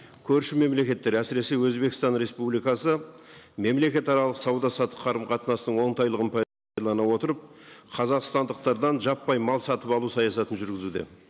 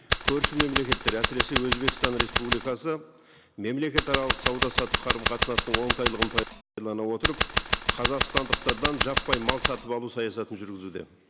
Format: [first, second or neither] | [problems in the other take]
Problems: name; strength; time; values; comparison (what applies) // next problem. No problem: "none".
first | background sound (Scissors); 4 dB above the speech